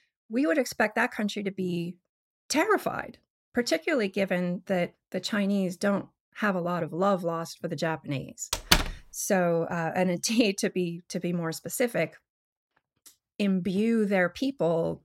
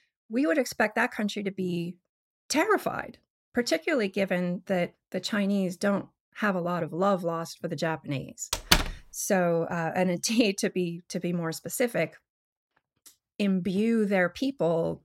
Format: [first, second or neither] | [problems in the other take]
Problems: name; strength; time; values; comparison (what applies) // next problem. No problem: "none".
neither | door banging; loud; at 8.5 s; peak 5 dB above the speech; the same in both